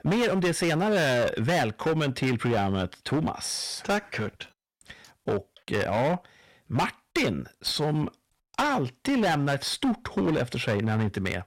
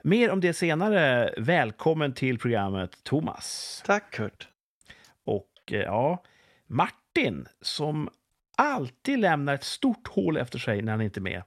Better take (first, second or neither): second